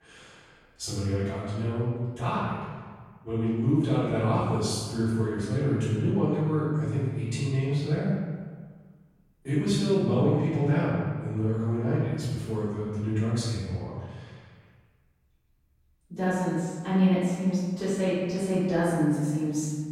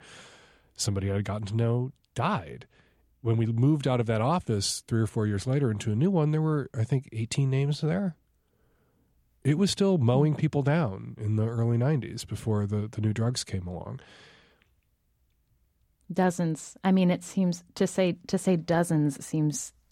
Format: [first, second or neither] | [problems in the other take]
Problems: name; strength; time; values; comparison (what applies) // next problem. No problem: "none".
second | off-mic speech; far // room echo; strong; dies away in 1.4 s